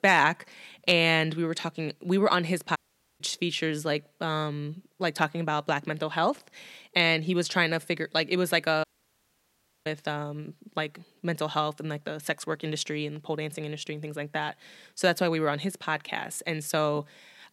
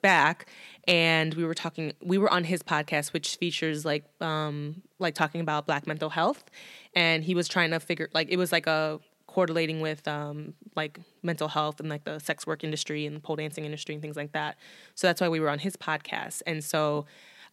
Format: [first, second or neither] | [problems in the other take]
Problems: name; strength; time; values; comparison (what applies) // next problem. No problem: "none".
second | audio cutting out; at 3 s and at 9 s for 1 s